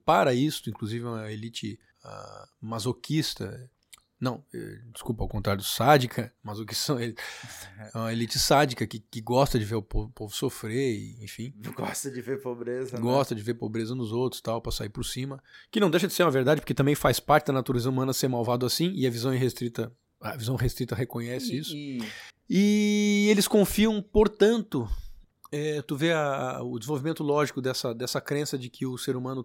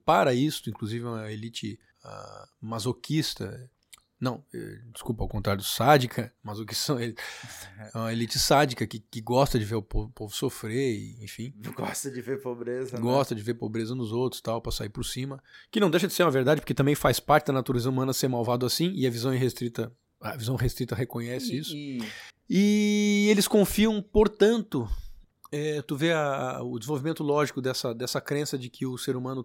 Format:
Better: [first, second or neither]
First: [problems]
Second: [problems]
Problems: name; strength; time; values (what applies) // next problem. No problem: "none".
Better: neither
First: none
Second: none